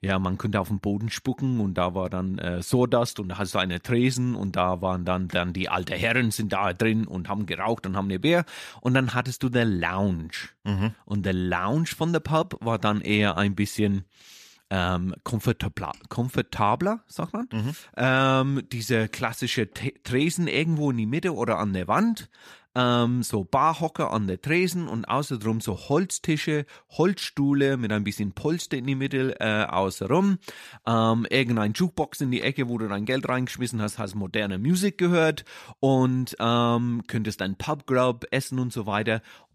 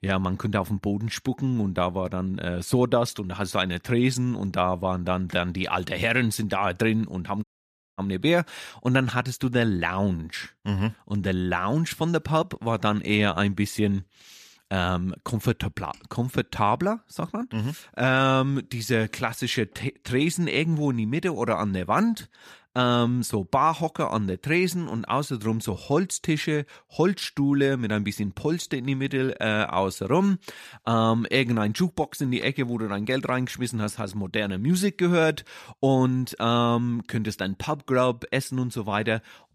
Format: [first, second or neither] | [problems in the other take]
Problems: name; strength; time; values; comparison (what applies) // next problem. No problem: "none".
first | audio cutting out; at 7.5 s for 0.5 s